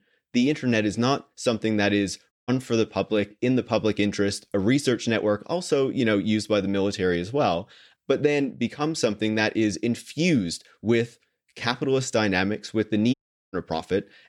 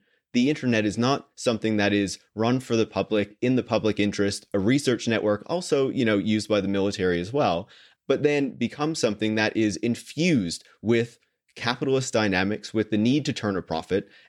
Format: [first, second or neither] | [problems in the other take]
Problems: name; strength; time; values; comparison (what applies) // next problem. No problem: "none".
second | audio cutting out; at 2.5 s and at 13 s